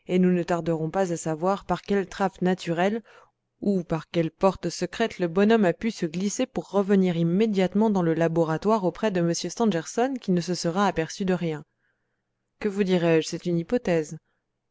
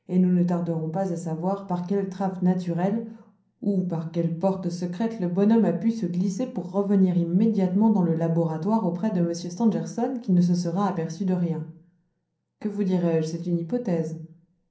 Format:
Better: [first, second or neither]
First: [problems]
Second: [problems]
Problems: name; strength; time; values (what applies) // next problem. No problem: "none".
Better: first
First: none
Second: room echo; dies away in 0.6 s